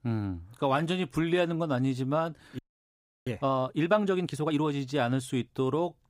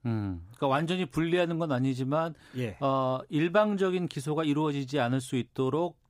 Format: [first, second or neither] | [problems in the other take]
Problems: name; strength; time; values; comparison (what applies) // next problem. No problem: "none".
second | audio freezing; at 2.5 s for 0.5 s